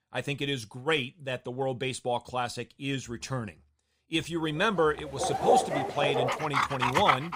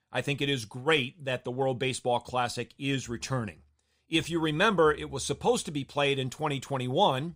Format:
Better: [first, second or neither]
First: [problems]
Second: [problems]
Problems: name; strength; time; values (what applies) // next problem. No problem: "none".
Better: second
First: animal sounds; very loud; from 5 s on; 3 dB above the speech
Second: none